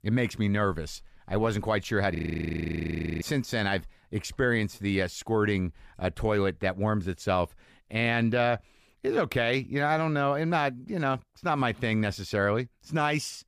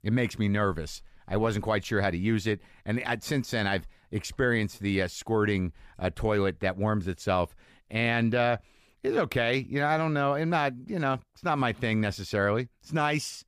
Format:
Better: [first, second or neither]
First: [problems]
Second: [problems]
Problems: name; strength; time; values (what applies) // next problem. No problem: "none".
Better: second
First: audio freezing; at 2 s for 1 s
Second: none